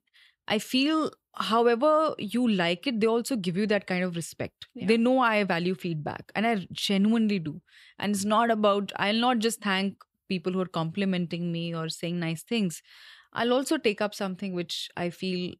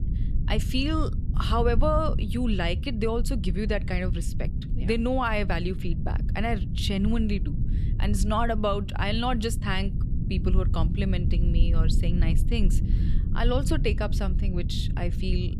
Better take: first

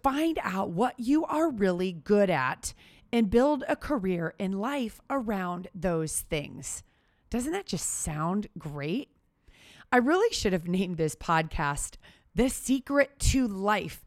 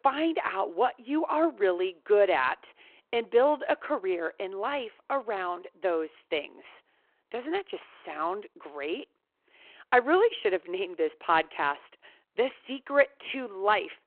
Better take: first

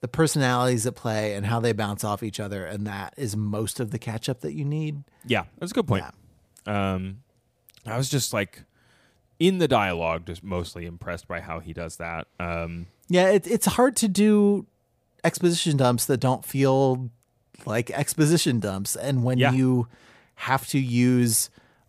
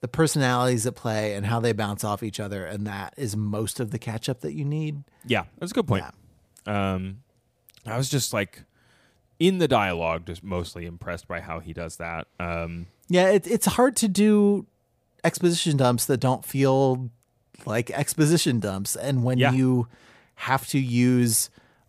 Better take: neither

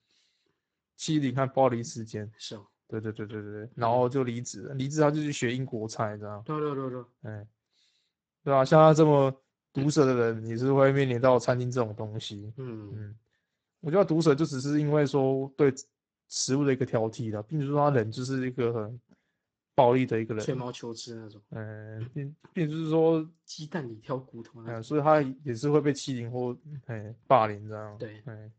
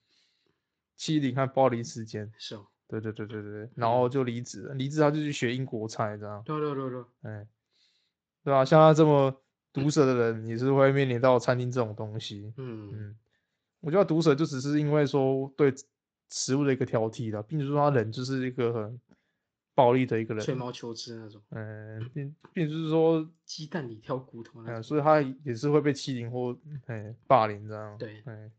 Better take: second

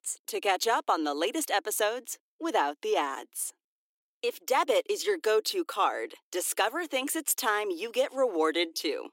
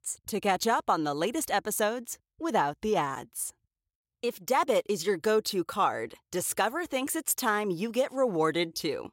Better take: second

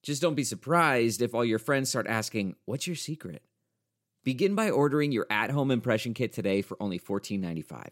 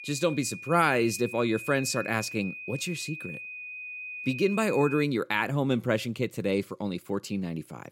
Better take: first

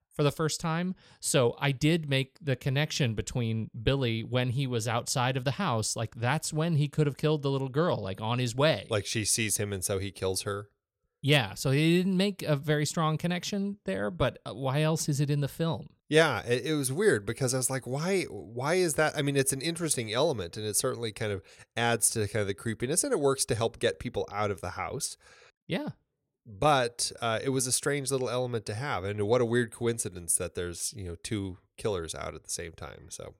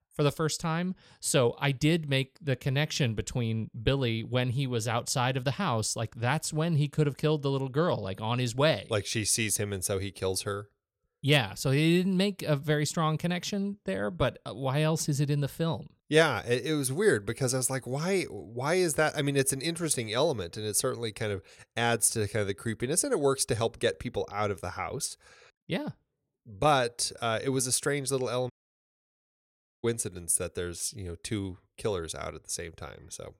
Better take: first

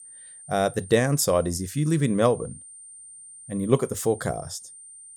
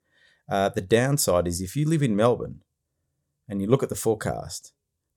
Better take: second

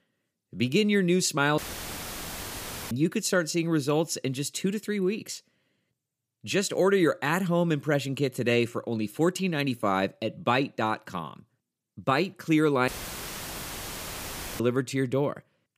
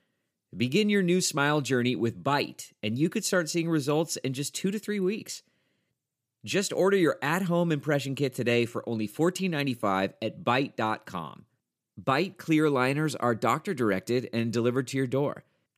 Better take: second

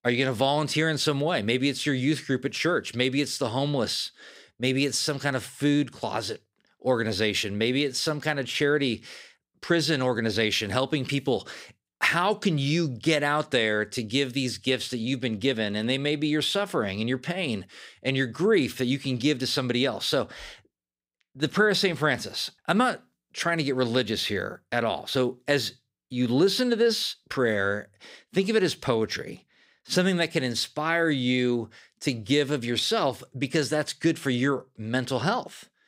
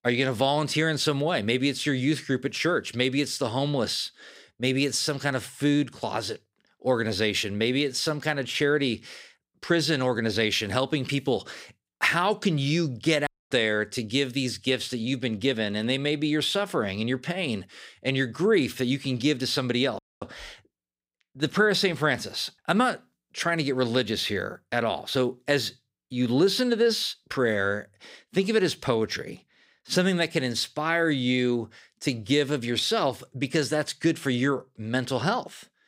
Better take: first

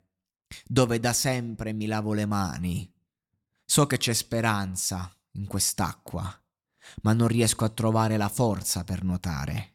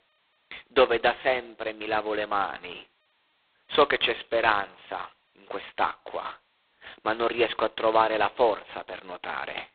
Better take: first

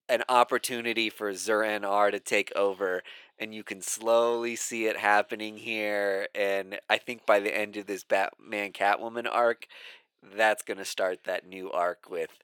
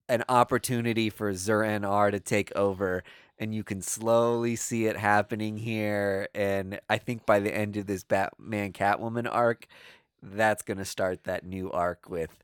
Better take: second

